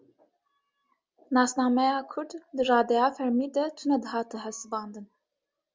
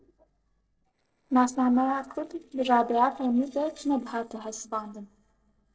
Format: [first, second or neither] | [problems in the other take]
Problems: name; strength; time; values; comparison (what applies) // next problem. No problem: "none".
first | noise reduction (neural separator model SepFormer DNS4)